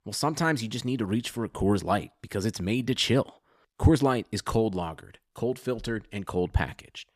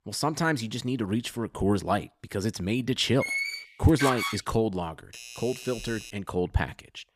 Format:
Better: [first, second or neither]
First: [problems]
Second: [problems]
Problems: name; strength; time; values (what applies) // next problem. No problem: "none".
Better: first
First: none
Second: door banging; noticeable; from 3 to 4.5 s; peak level with the speech // doorbell; faint; from 5 to 6 s; peak 10 dB below the speech